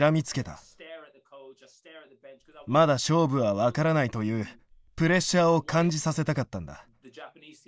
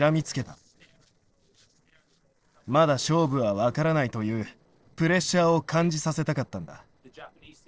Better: first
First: none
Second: noise reduction (neural separator model SepFormer DNS4)

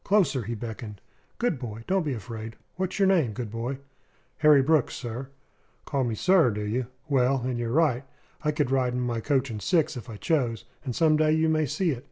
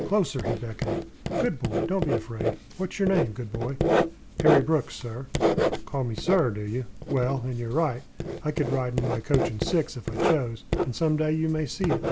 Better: first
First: none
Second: background sound (Writing); 1 dB below the speech

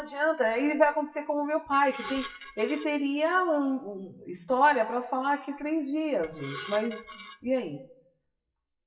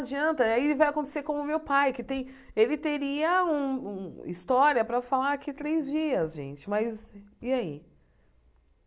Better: second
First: noise reduction (classical method WPE with log-MMSE)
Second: none

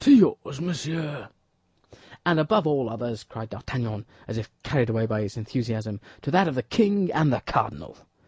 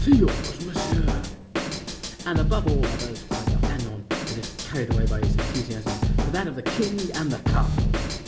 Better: first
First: none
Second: background sound (Drum kit); 4 dB above the speech // room echo; dies away in 1.5 s

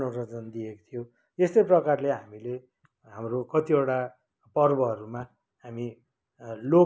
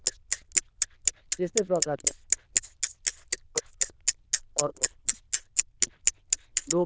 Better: first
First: none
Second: noise reduction (neural diffusion model UNIVERSE++)

